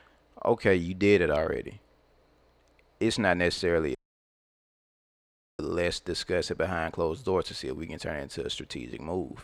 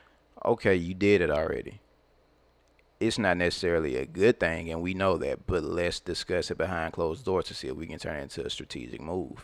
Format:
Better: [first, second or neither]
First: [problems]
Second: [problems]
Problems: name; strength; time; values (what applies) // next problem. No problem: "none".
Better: second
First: audio cutting out; at 4 s for 1.5 s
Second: none